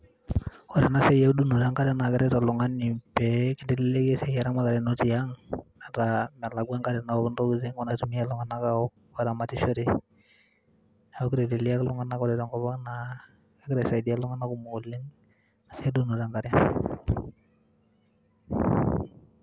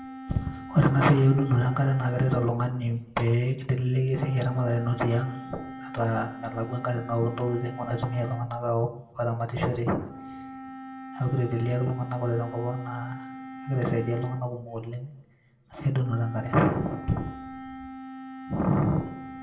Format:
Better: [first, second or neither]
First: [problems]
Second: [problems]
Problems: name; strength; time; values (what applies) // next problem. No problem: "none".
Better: first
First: none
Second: background sound (Wind instrument, woodwind instrument); 14 dB below the speech // room echo; dies away in 0.5 s